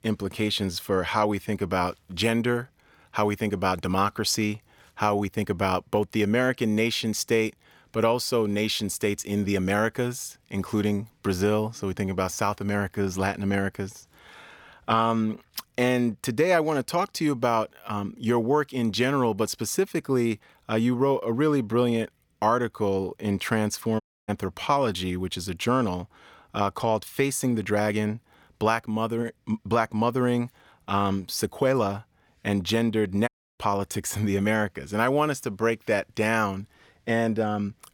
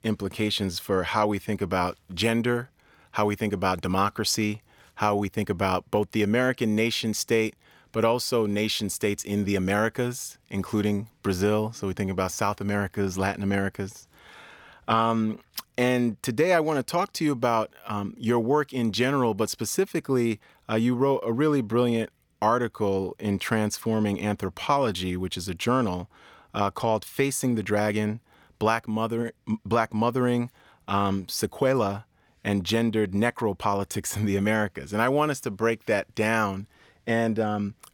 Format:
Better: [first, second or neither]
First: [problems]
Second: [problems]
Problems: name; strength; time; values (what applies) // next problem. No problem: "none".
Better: second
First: audio cutting out; at 24 s and at 33 s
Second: none